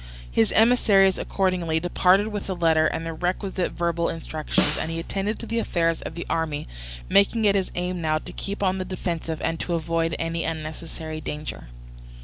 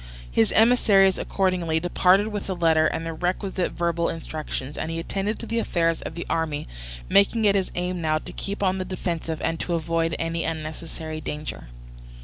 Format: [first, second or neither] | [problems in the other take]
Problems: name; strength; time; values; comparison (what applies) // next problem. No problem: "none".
second | background sound (Snare drum); 6 dB below the speech